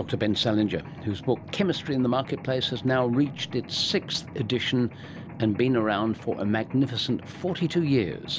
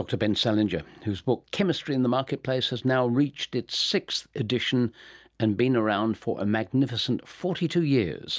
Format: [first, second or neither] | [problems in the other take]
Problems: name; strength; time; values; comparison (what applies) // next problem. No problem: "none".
second | background sound (Mechanisms); 14 dB below the speech